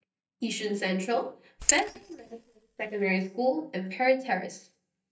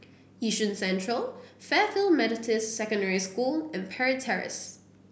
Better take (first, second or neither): second